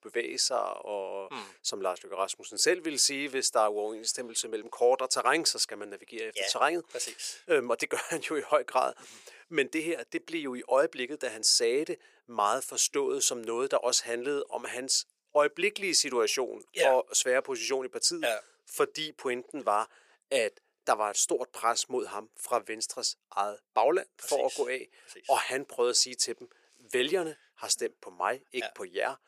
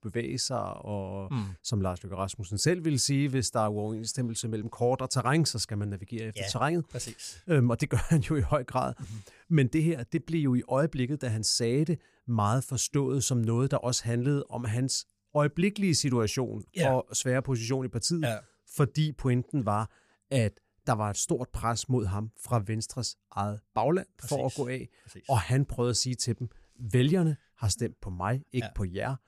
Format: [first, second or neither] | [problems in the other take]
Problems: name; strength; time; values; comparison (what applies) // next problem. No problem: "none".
second | thin; very; fading below 400 Hz